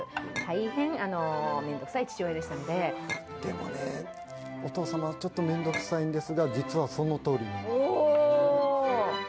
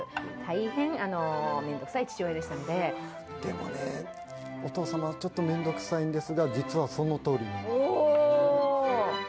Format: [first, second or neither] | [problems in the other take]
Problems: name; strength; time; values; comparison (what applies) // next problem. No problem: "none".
second | background sound (Chink, clink); 11 dB below the speech